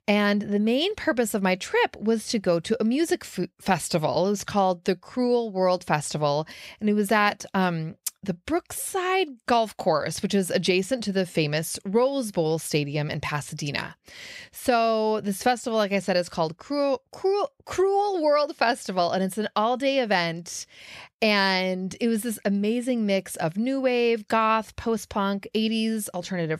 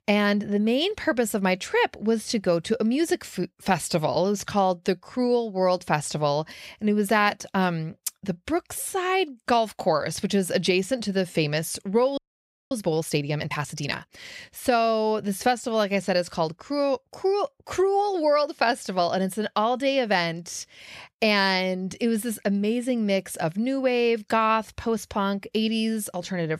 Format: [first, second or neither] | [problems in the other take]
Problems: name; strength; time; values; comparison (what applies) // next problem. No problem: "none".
first | audio freezing; at 12 s for 0.5 s